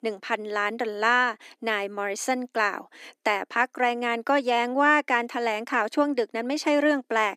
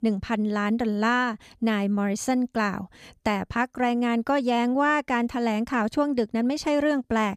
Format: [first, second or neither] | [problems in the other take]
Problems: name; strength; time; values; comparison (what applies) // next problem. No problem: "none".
second | thin; somewhat; fading below 300 Hz